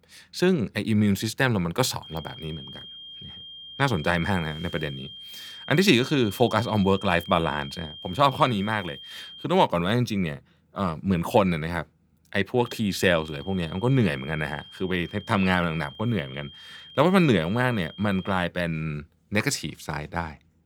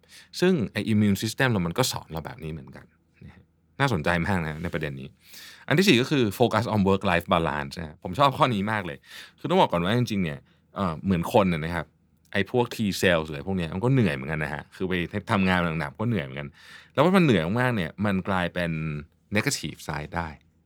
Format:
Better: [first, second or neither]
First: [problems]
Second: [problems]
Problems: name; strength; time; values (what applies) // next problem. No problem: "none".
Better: second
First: high-pitched whine; noticeable; from 2 to 9.5 s and from 13 to 18 s; 3 kHz, 15 dB below the speech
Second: none